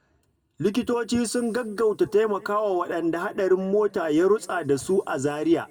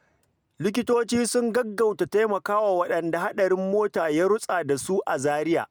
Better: second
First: room echo; dies away in 1.6 s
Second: none

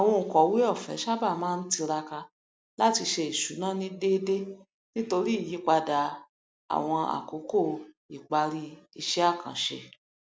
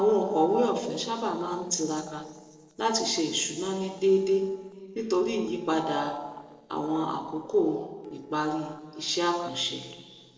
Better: first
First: none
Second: noise reduction (neural separator model SepFormer DNS4)

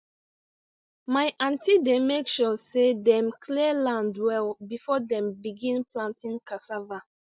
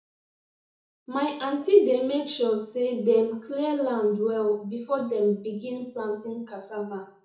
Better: first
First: none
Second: room echo; dies away in 0.6 s

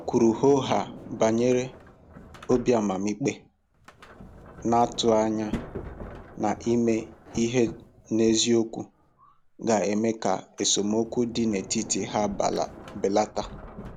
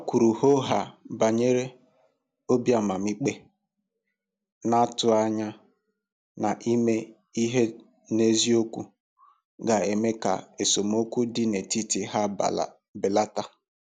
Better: second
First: background sound (Sliding door); 16 dB below the speech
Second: none

